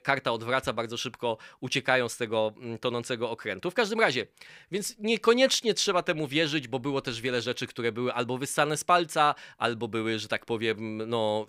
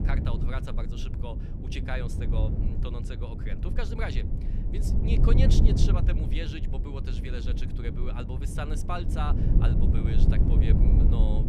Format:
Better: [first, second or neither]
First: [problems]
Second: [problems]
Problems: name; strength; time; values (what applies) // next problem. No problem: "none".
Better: first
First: none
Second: low rumble; loud; throughout; 1 dB below the speech